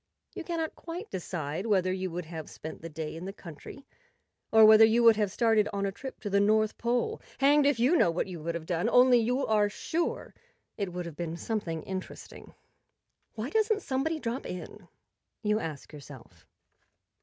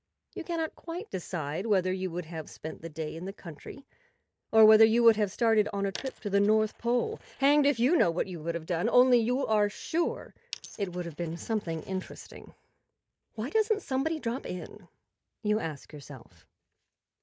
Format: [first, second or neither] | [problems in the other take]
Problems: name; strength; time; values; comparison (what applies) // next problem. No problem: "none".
first | noise reduction (neural mask model Resemble Enhance denoiser)